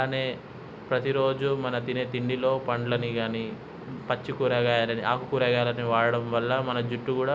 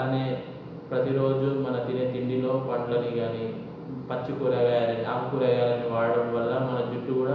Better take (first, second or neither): first